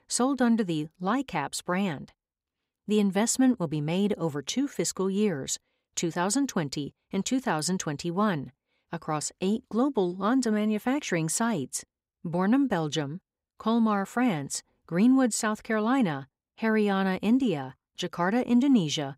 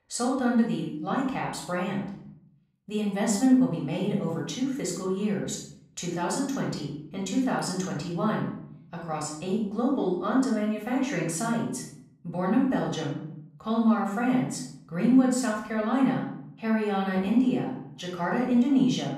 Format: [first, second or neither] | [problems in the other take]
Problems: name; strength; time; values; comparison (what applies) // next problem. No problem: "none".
first | off-mic speech; far // room echo; noticeable; dies away in 0.7 s